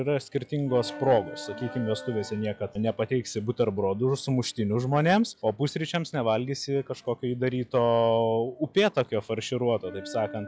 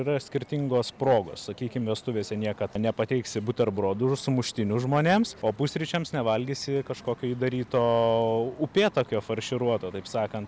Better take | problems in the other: second | noise reduction (classical method log-MMSE)

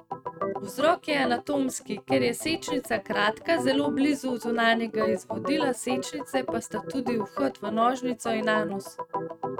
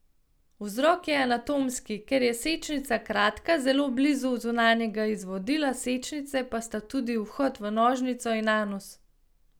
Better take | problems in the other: second | noise reduction (neural mask model RNNoise)

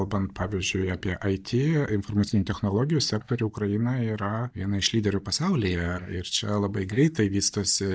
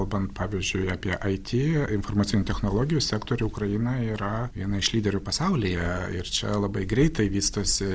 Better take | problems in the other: second | noise reduction (neural mask model DeepFilterNet 3)

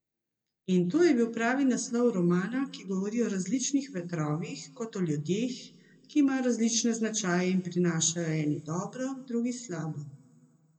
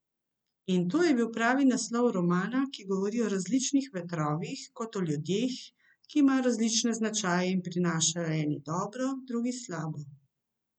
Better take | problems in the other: second | room echo; dies away in 1 s

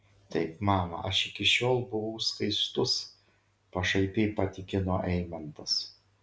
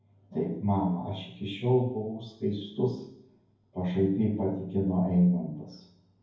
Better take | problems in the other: first | room echo; dies away in 0.9 s

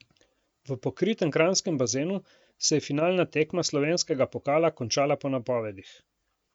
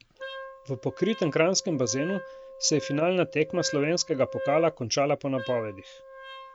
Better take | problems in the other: first | background sound (Wind instrument, woodwind instrument); 12 dB below the speech

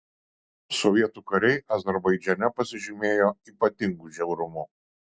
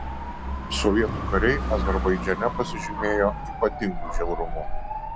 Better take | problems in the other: first | background sound (Motorcycle / Dog); 2 dB below the speech

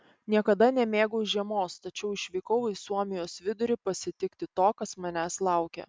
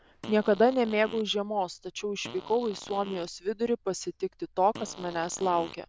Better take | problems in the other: first | noise reduction (neural diffusion model UNIVERSE++)

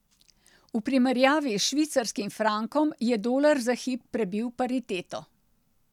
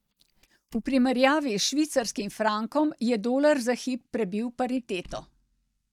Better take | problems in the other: first | noise reduction (neural mask model DeepFilterNet 3)

